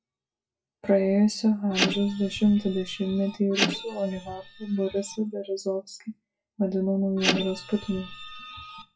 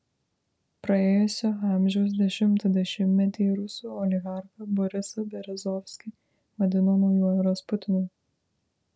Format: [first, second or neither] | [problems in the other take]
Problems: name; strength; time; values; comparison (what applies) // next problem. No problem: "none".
second | noise reduction (classical method WPE with log-MMSE)